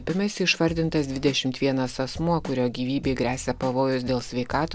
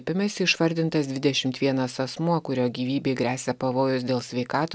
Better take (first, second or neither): second